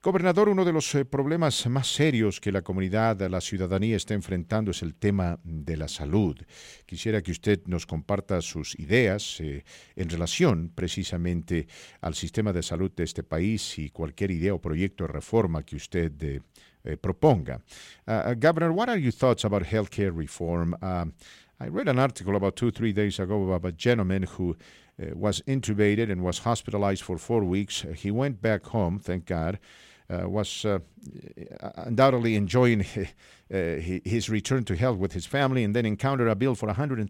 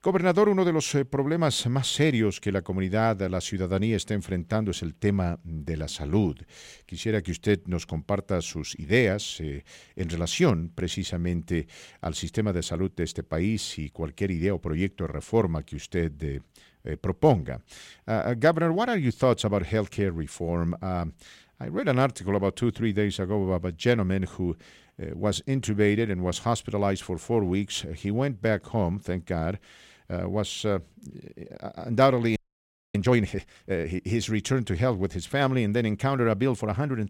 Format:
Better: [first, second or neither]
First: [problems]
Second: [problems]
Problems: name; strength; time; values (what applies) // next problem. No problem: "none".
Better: first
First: none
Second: audio freezing; at 32 s for 0.5 s